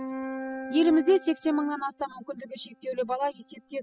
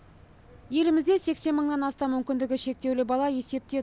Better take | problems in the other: second | noise reduction (classical method spectral subtraction)

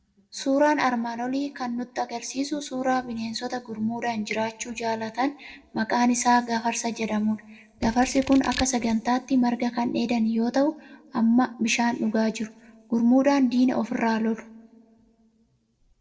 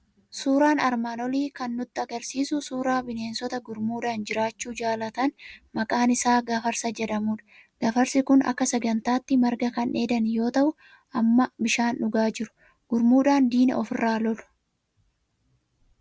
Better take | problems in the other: second | noise reduction (neural separator model SepFormer DNS4)

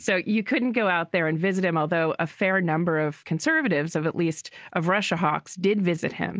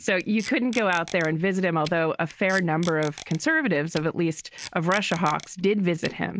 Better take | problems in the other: first | background sound (Packing tape, duct tape); 19 dB below the speech

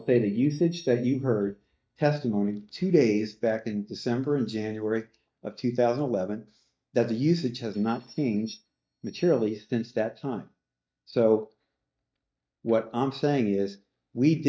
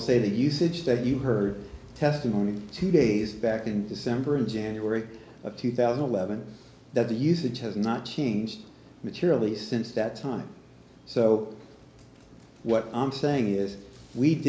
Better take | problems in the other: second | noise reduction (neural mask model DeepFilterNet 3)

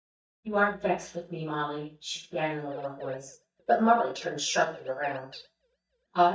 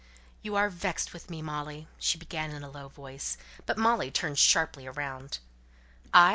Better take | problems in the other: second | noise reduction (neural mask model DeepFilterNet 3)

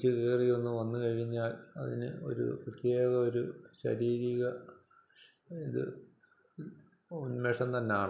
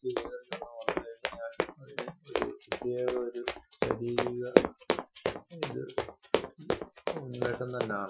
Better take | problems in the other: first | noise reduction (classical method Wiener filter)

